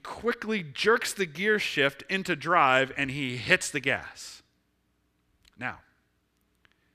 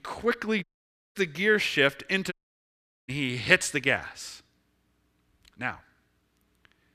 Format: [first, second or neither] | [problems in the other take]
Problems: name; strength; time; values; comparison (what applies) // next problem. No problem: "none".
first | audio cutting out; at 0.5 s for 0.5 s and at 2.5 s for 1 s